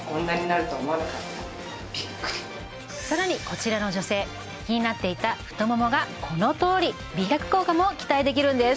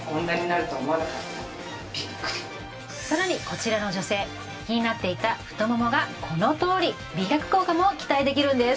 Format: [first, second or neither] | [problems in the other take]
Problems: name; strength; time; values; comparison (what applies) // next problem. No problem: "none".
first | room echo; dies away in 0.2 s